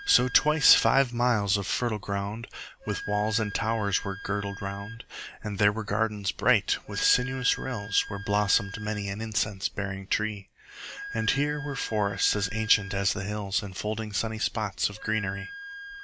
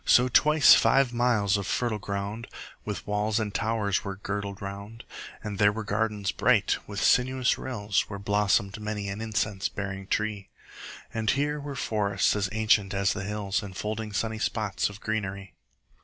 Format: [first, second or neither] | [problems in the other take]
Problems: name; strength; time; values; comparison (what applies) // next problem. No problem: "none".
second | background sound (Wind instrument, woodwind instrument); 14 dB below the speech